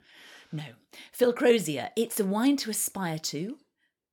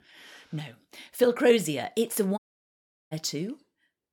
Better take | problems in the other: first | audio cutting out; at 2.5 s for 0.5 s

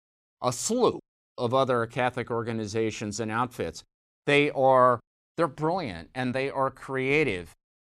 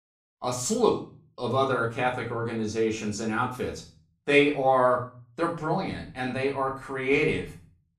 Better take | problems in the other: first | room echo; slight; dies away in 0.4 s // off-mic speech; far

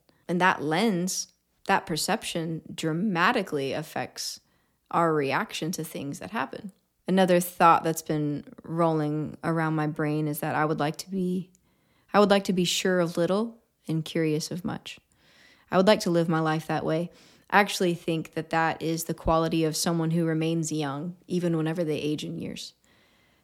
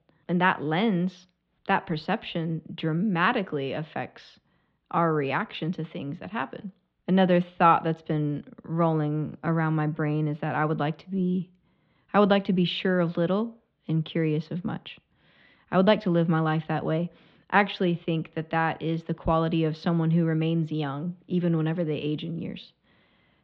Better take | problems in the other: first | muffled; very; fading above 3.5 kHz

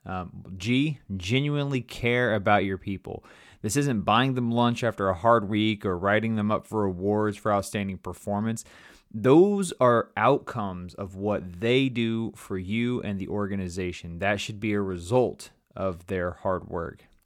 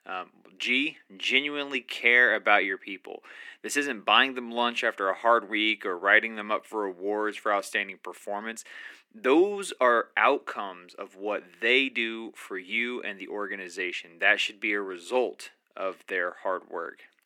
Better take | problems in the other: first | thin; somewhat; fading below 300 Hz

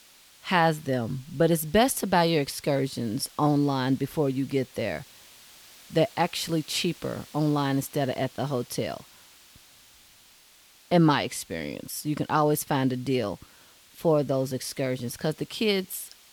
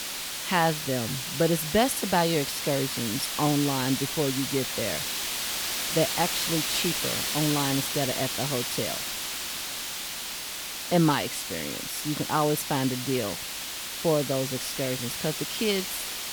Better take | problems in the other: first | hiss; loud; throughout; 2 dB below the speech; faint in the first

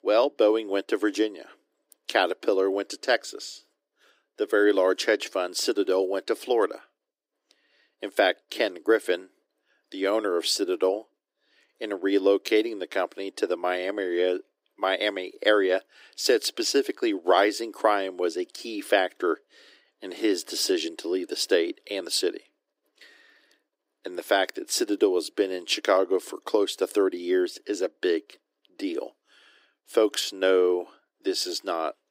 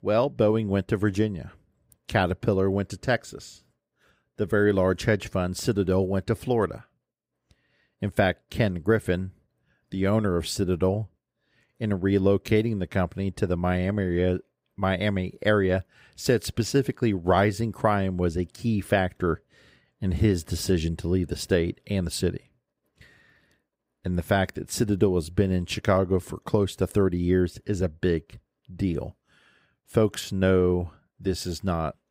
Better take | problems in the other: second | thin; somewhat; fading below 300 Hz

